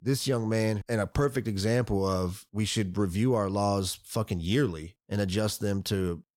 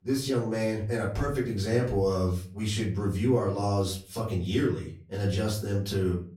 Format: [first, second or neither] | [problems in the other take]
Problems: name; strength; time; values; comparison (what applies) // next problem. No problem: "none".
first | off-mic speech; far // room echo; slight; dies away in 0.4 s